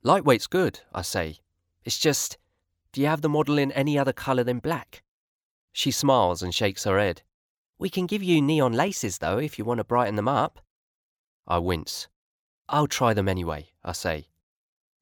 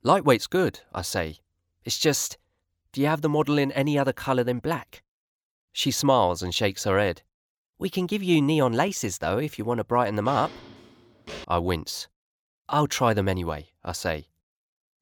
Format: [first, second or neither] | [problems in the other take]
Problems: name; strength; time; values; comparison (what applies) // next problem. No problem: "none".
first | footsteps; faint; from 10 to 11 s; peak 15 dB below the speech